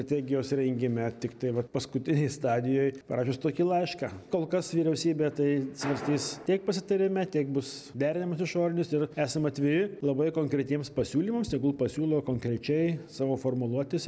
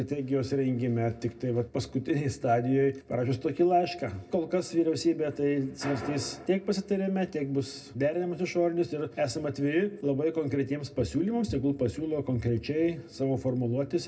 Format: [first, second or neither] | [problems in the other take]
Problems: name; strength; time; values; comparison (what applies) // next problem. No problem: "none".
first | room echo; dies away in 0.2 s